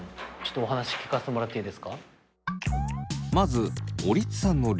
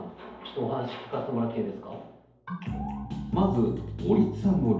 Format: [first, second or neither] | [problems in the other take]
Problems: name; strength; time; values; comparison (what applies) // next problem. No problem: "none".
first | room echo; dies away in 2.2 s